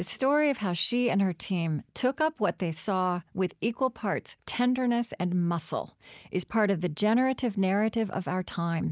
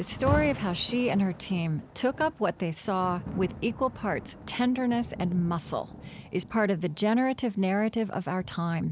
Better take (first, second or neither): first